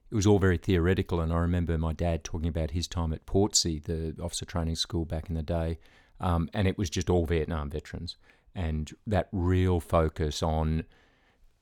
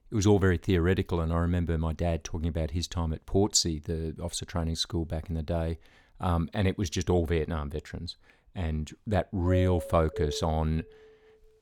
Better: first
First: none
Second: doorbell; noticeable; from 9.5 to 11 s; peak 5 dB below the speech

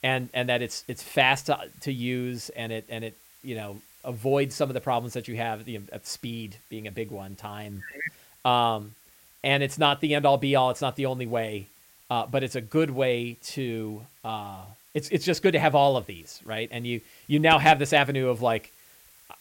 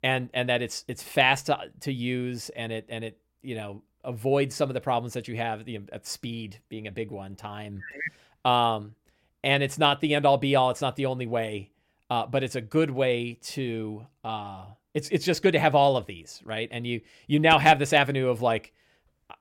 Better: second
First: hiss; faint; throughout; 25 dB below the speech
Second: none

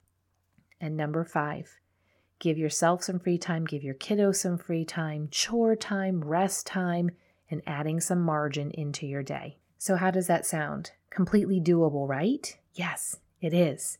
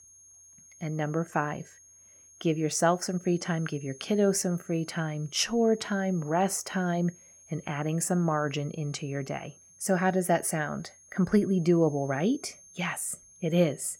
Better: first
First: none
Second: high-pitched whine; faint; throughout; 6.5 kHz, 25 dB below the speech

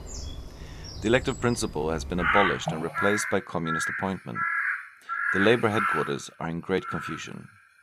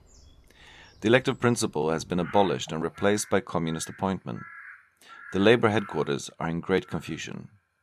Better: second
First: animal sounds; loud; throughout; 1 dB below the speech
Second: animal sounds; faint; throughout; 20 dB below the speech

